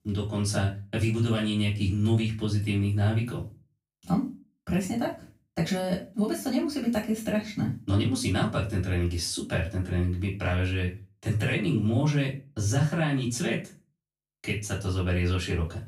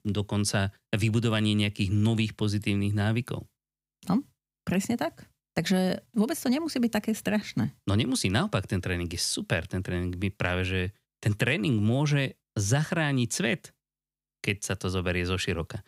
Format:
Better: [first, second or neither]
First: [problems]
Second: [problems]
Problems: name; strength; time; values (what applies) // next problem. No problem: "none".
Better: second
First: off-mic speech; far // room echo; slight; dies away in 0.3 s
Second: none